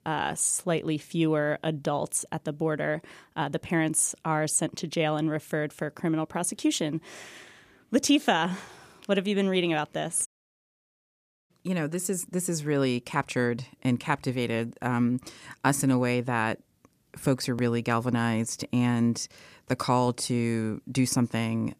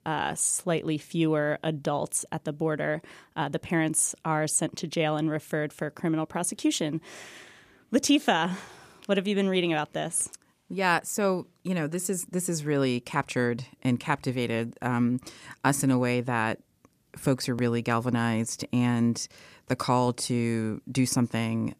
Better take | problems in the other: second | audio cutting out; at 10 s for 1 s

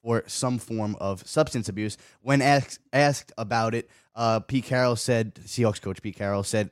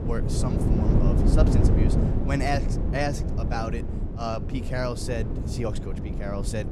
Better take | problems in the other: first | wind noise on the microphone; heavy; 3 dB below the speech

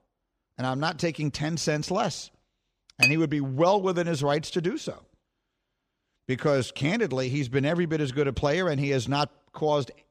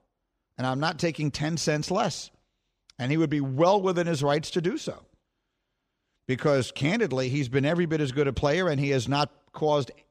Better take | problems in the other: second | clattering dishes; loud; at 3 s; peak 5 dB above the speech

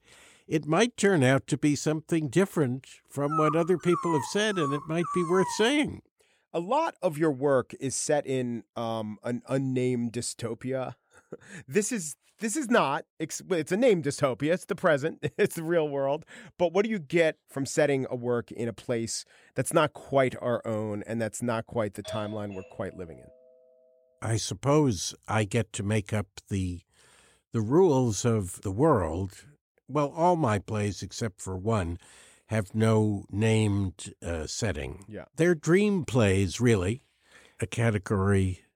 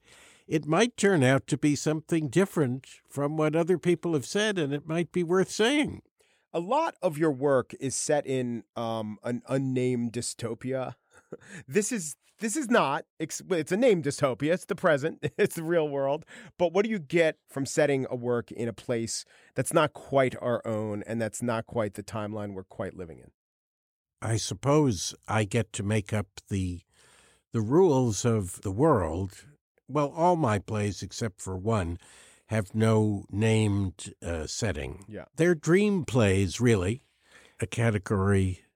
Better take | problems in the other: second | dog barking; noticeable; from 3.5 to 5.5 s; peak 2 dB below the speech // doorbell; faint; from 22 to 23 s; peak 10 dB below the speech

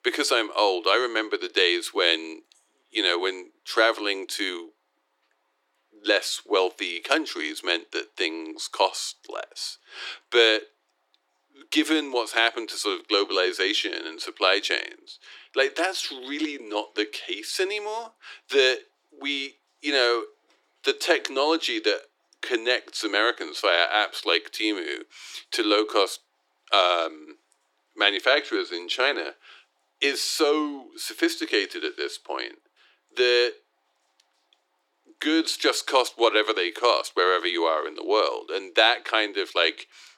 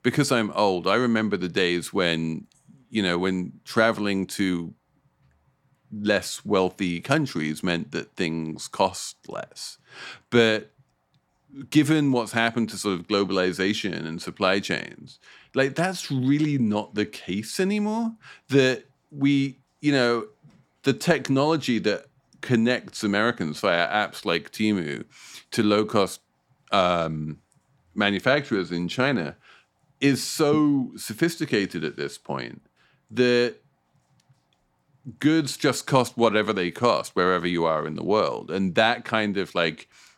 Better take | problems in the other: second | thin; very; fading below 300 Hz

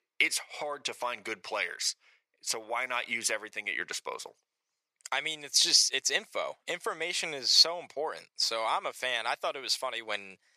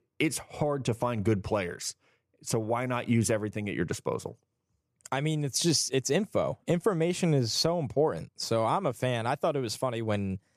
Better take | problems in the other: second | thin; very; fading below 800 Hz

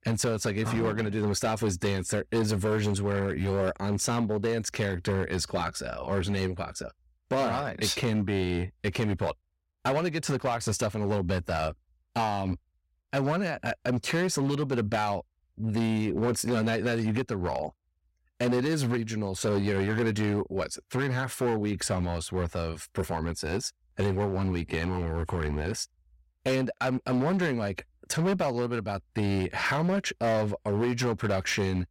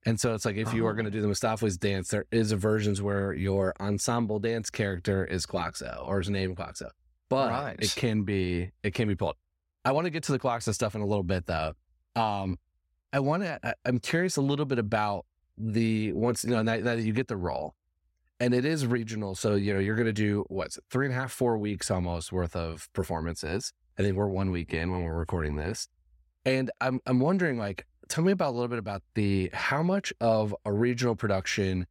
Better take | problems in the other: second | distortion; slight; 11% of the sound clipped

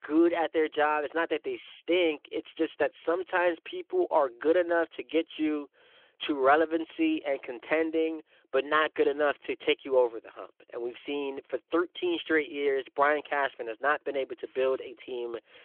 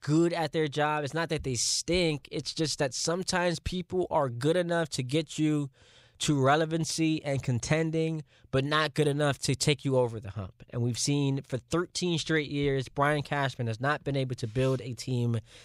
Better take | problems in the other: second | phone-call audio

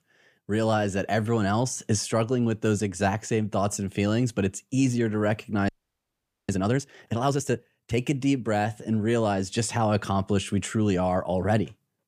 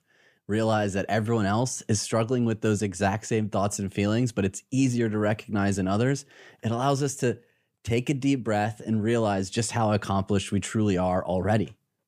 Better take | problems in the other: second | audio freezing; at 5.5 s for 1 s

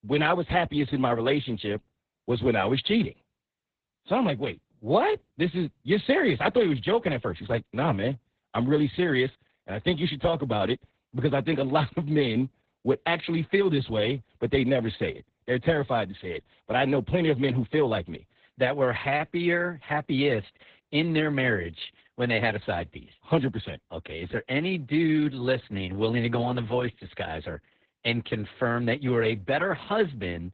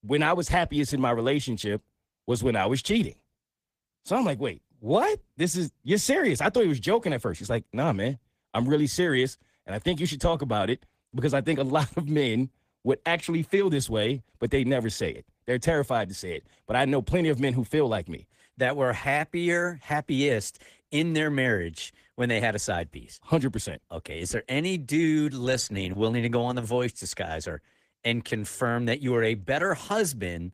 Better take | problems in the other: second | garbled, watery; badly; nothing above 4 kHz; slightly in the second

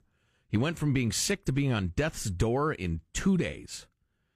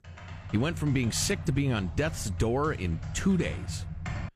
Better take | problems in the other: first | keyboard typing; noticeable; peak 7 dB below the speech

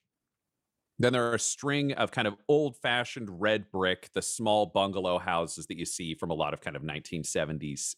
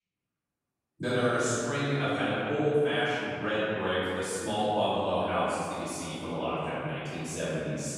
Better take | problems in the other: first | room echo; strong; dies away in 2.4 s // off-mic speech; far

